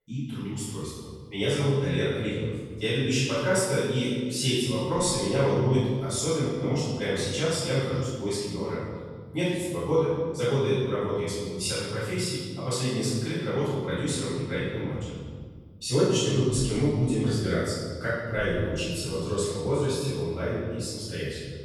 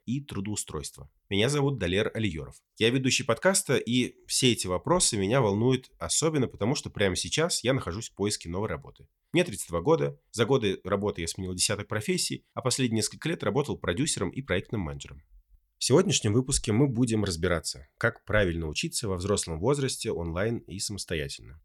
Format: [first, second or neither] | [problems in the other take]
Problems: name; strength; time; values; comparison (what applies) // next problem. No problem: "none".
second | room echo; strong; dies away in 1.6 s // off-mic speech; far